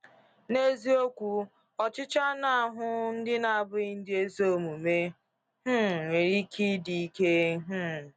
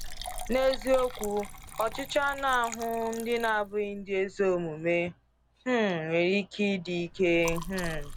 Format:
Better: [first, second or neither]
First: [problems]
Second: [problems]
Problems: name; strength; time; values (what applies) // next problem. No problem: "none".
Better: first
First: none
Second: background sound (Bird + Liquid); 12 dB below the speech